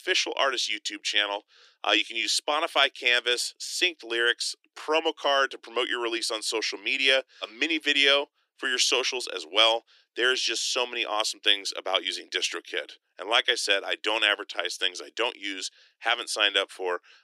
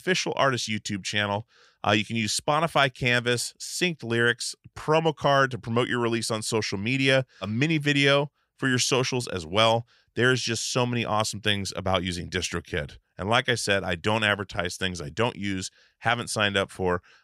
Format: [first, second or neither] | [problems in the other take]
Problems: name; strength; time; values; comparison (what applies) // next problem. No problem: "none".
second | thin; very; fading below 300 Hz